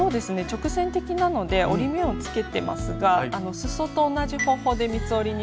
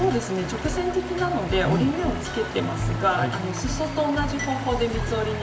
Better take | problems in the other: first | background sound (Stream); 12 dB below the speech // room echo; dies away in 0.7 s

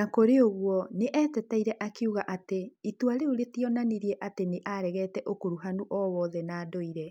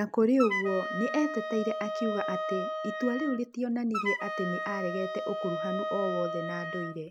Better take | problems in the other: first | background sound (Wind instrument, woodwind instrument); 4 dB below the speech

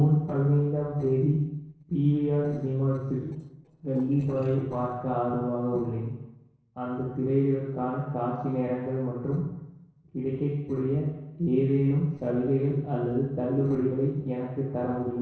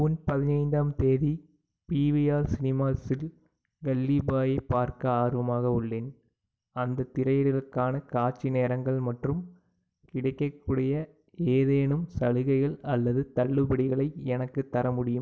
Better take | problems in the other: second | noise reduction (neural separator model SepFormer DNS4)

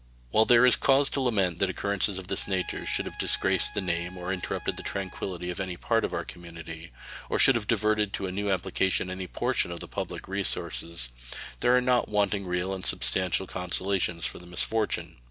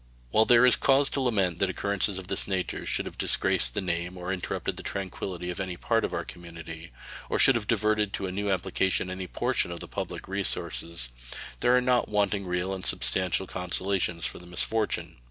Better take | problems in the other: second | background sound (Trumpet); 19 dB below the speech

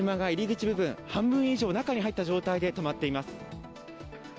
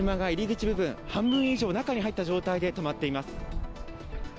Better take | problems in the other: first | background sound (Bird vocalization, bird call, bird song); 9 dB below the speech

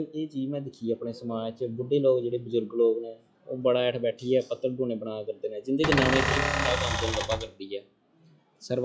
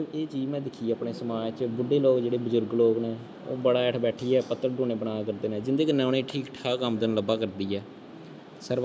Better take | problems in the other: second | noise reduction (classical method log-MMSE)

